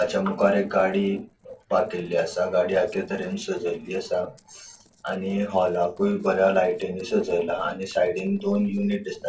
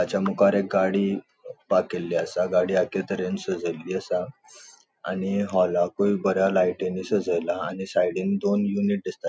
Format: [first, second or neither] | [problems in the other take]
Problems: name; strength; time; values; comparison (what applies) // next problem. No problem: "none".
second | noise reduction (neural separator model SepFormer DNS4)